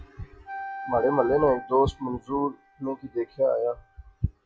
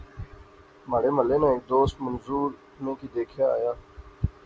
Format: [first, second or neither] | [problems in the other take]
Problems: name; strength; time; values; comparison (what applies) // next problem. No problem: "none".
second | noise reduction (classical method log-MMSE)